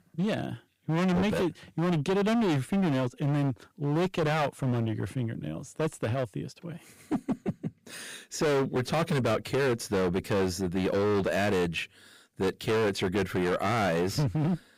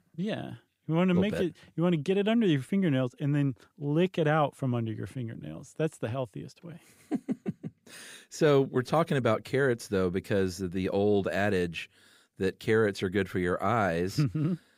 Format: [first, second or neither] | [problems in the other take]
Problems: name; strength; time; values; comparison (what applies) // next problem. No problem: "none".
second | distortion; heavy; 20% of the sound clipped